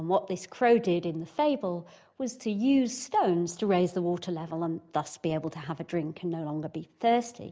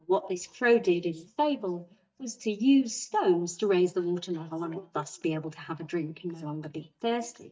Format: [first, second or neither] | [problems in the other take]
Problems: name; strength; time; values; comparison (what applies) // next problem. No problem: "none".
first | noise reduction (neural mask model DeepFilterNet 3)